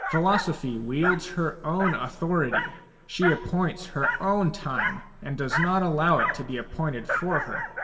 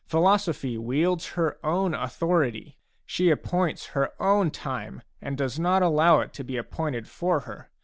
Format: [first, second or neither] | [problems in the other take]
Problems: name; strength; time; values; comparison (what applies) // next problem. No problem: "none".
second | background sound (Dog); 5 dB below the speech // room echo; dies away in 1.4 s